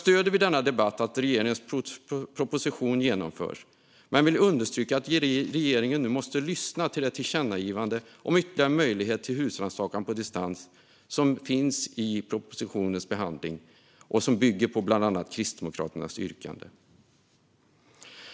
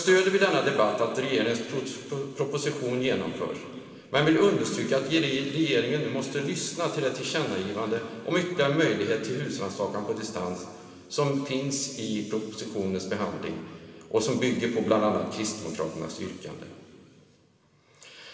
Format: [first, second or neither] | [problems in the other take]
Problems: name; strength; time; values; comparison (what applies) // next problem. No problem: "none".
first | room echo; dies away in 2.5 s